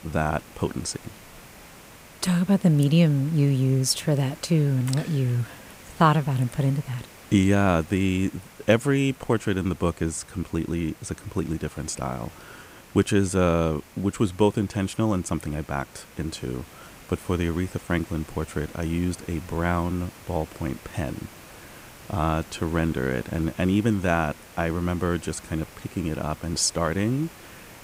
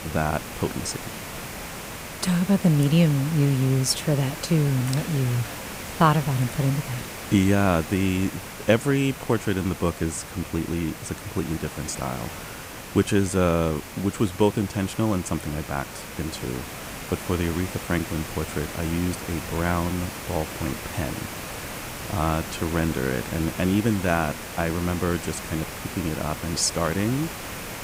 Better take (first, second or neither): first